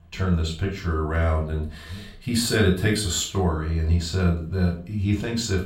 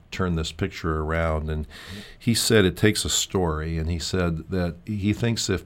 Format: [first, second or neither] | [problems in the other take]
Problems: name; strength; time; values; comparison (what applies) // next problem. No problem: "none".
second | room echo; slight; dies away in 0.3 s // off-mic speech; far